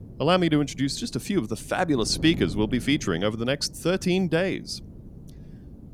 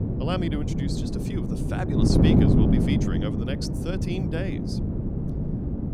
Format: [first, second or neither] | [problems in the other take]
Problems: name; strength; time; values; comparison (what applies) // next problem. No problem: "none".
first | wind noise on the microphone; heavy; 3 dB above the speech; occasional gusts in the first